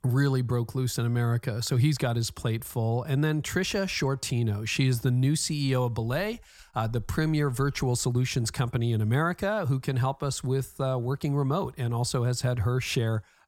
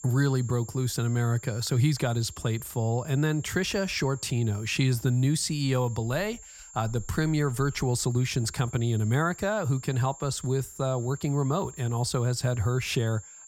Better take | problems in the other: first | high-pitched whine; noticeable; throughout; 7.5 kHz, 20 dB below the speech

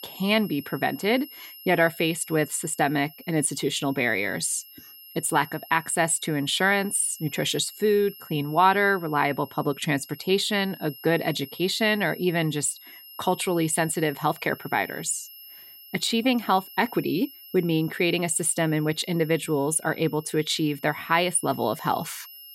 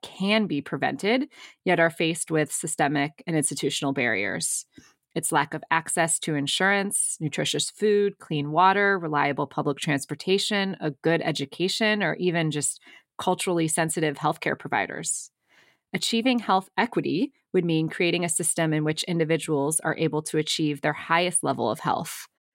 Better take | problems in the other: second | high-pitched whine; noticeable; throughout; 11.5 kHz, 20 dB below the speech

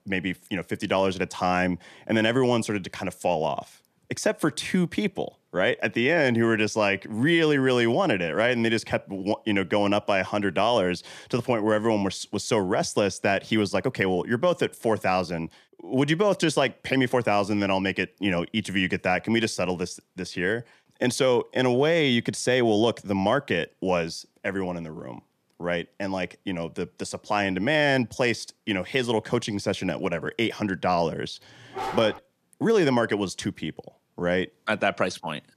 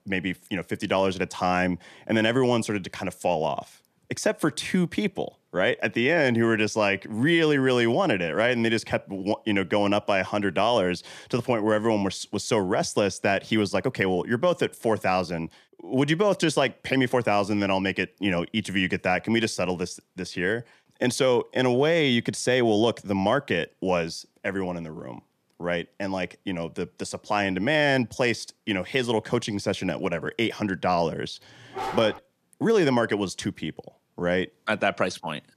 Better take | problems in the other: neither | dog barking; noticeable; at 32 s; peak 7 dB below the speech; the same in both

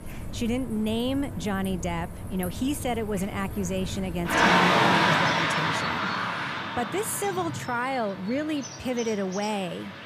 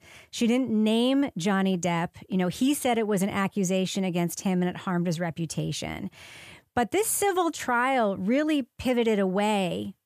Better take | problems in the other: second | traffic noise; very loud; throughout; 4 dB above the speech

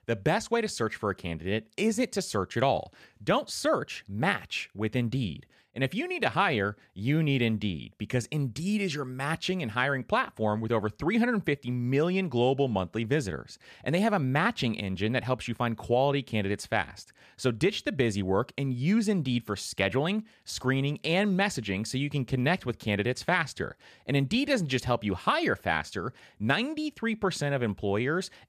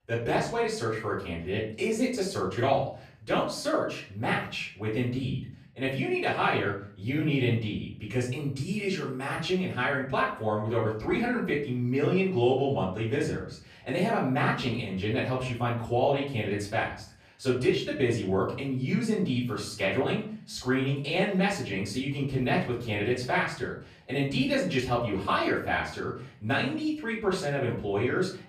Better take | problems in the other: first | off-mic speech; far // room echo; slight; dies away in 0.4 s

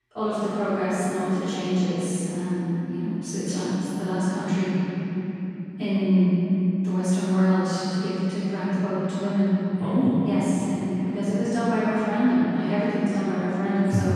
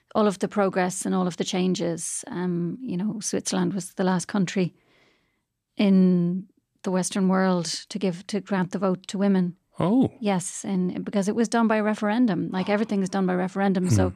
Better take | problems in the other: second | off-mic speech; far // room echo; strong; dies away in 3 s

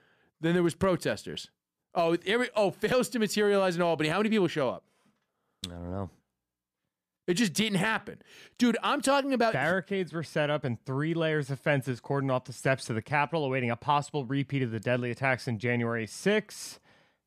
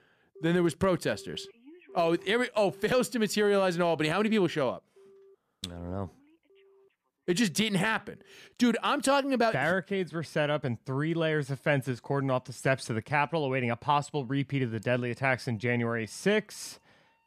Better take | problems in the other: first | alarms or sirens; faint; throughout; 25 dB below the speech

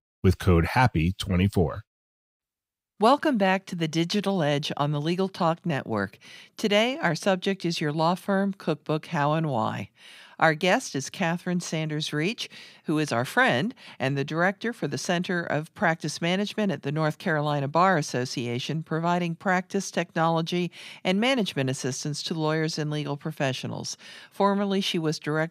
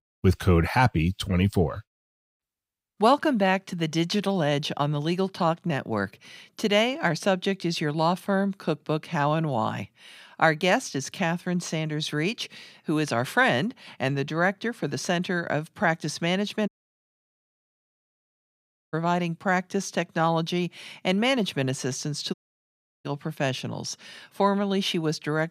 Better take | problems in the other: first | audio cutting out; at 17 s for 2.5 s and at 22 s for 0.5 s

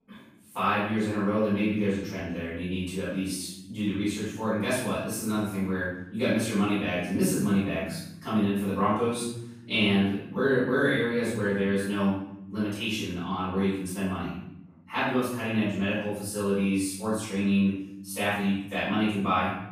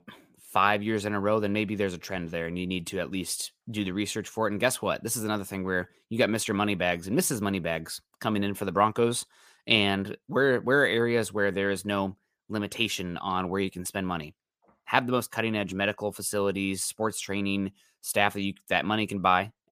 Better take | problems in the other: second | room echo; strong; dies away in 0.9 s // off-mic speech; far

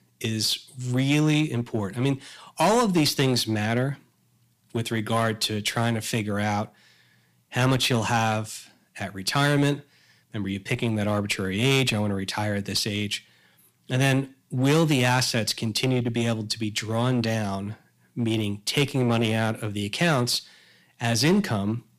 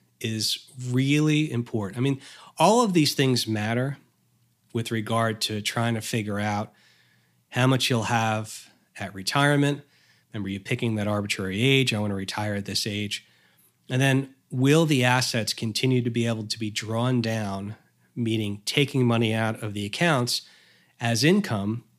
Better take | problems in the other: second | distortion; slight; 6% of the sound clipped

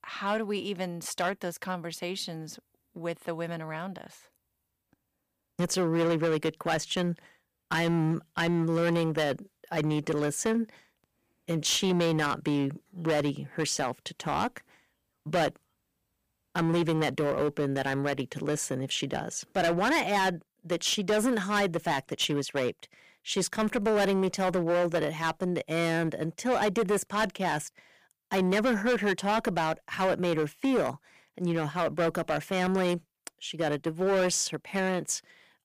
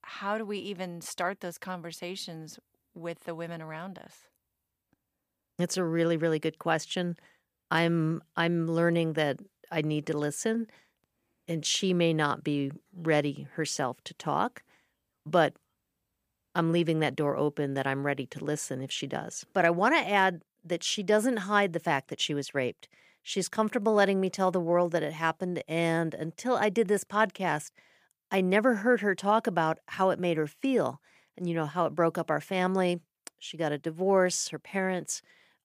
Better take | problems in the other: second | distortion; heavy; 9% of the sound clipped

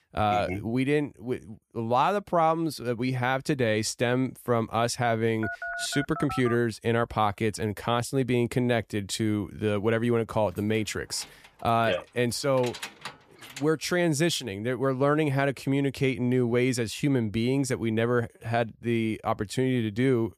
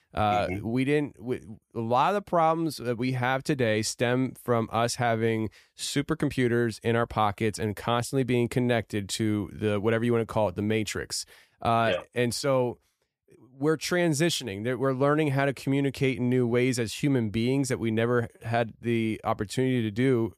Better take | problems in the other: second | phone ringing; noticeable; from 5.5 to 6.5 s; peak 7 dB below the speech // jangling keys; faint; from 11 to 14 s; peak 10 dB below the speech

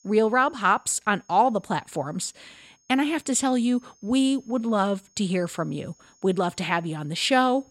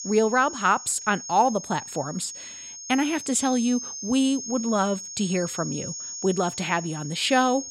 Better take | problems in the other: first | high-pitched whine; loud; throughout; 6.5 kHz, 9 dB below the speech; faint in the first

